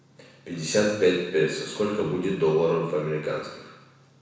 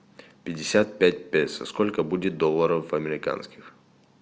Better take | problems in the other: second | room echo; dies away in 1 s

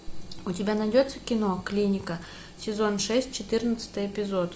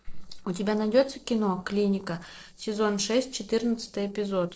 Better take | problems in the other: first | noise reduction (neural separator model SepFormer DNS4)

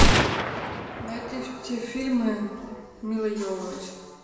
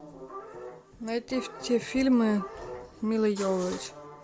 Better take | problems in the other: second | background sound (Gunshot, gunfire); 4 dB above the speech // room echo; dies away in 1.2 s

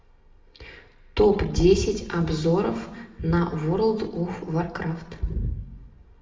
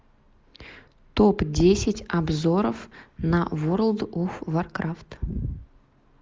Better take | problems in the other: second | room echo; dies away in 0.9 s

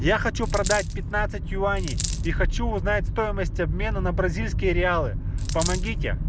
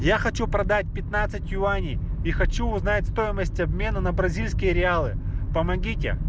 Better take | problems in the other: second | background sound (Coin (dropping)); 11 dB below the speech

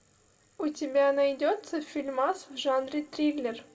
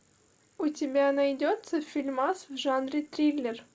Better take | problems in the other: second | room echo; dies away in 1.1 s

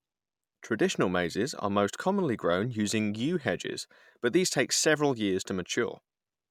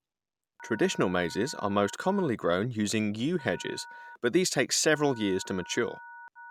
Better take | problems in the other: first | background sound (Telephone); 19 dB below the speech

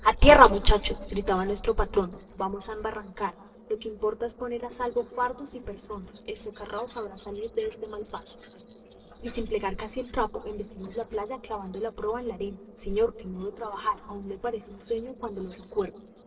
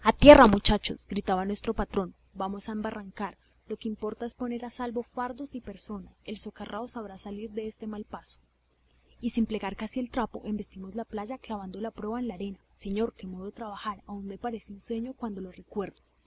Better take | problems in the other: second | noise reduction (neural separator model SepFormer DNS4)

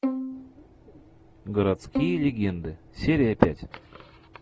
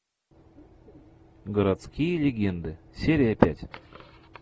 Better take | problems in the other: second | background sound (Bowed string instrument); 7 dB below the speech

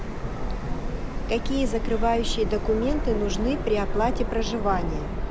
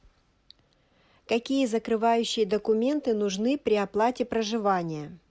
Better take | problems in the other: second | background sound (Subway, metro, underground); as loud as the speech

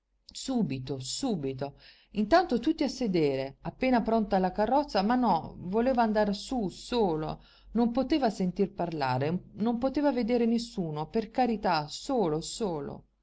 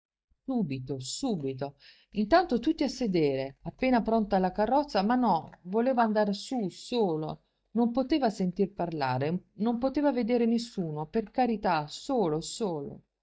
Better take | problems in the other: first | noise reduction (neural mask model DeepFilterNet 3)

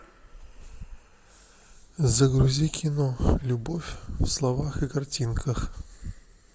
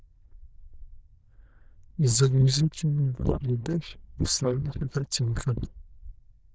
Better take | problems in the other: first | noise reduction (neural diffusion model UNIVERSE++)

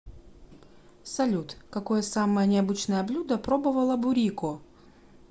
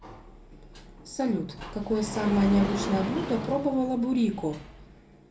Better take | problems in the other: first | background sound (Sliding door); 9 dB below the speech // room echo; dies away in 0.3 s

